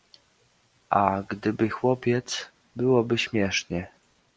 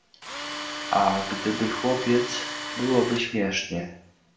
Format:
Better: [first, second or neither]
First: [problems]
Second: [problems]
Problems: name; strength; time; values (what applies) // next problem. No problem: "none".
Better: first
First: none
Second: background sound (Tools); 7 dB below the speech // room echo; dies away in 0.6 s